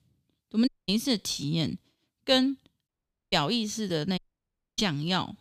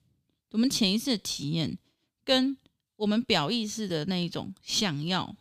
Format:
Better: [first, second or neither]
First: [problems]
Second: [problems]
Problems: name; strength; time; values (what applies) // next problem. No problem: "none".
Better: second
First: audio cutting out; at 0.5 s, at 3 s and at 4 s for 0.5 s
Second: none